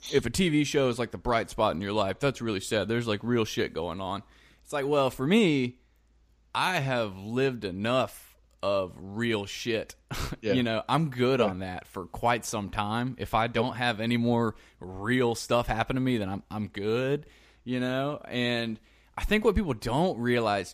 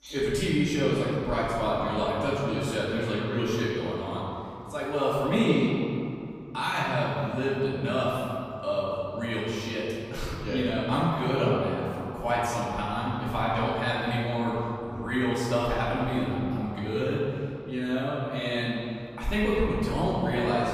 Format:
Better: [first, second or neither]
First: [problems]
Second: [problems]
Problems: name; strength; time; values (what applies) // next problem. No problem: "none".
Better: first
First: none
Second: off-mic speech; far // room echo; strong; dies away in 2.5 s